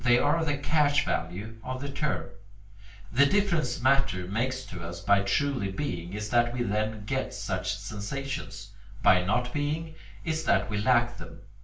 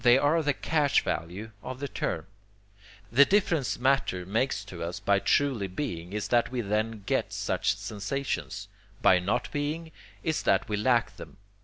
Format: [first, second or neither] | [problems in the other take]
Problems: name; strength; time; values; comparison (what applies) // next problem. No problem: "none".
second | room echo; dies away in 0.3 s